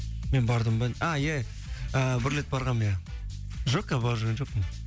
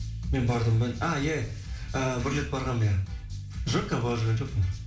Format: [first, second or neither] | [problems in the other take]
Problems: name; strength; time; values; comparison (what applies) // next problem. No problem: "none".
first | room echo; dies away in 0.5 s